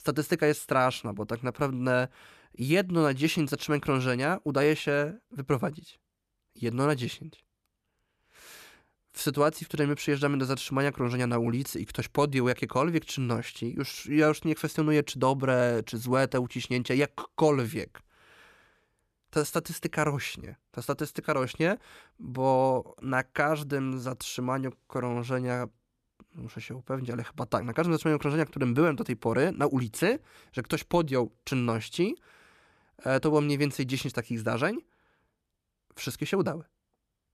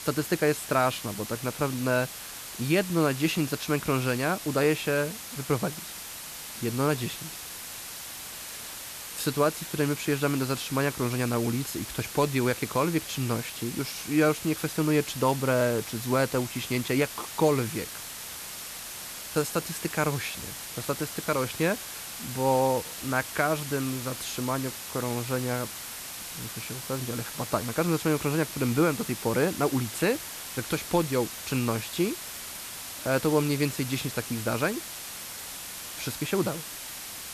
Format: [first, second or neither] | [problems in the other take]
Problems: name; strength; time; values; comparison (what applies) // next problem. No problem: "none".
first | hiss; loud; throughout; 8 dB below the speech